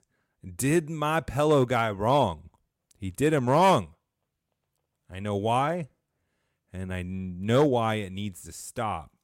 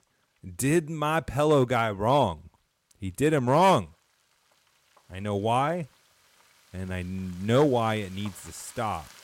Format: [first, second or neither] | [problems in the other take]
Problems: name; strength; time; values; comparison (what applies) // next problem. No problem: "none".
first | household noises; faint; throughout; 25 dB below the speech